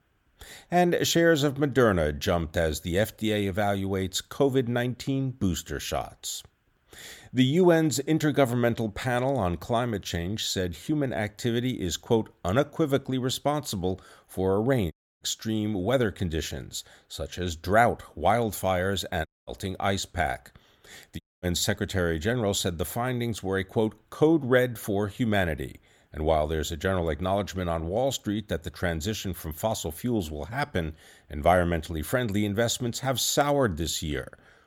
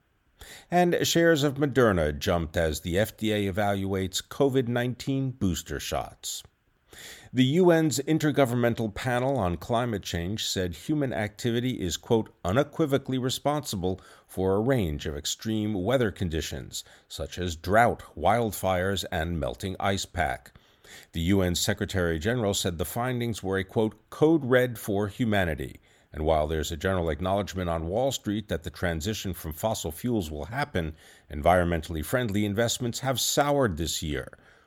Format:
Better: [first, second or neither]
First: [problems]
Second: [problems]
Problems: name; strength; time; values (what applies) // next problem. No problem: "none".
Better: second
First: audio cutting out; at 15 s, at 19 s and at 21 s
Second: none